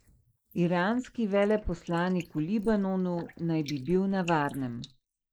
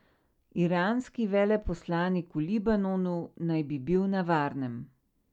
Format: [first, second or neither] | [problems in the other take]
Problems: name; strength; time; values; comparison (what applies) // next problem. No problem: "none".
second | noise reduction (neural mask model Resemble Enhance denoiser)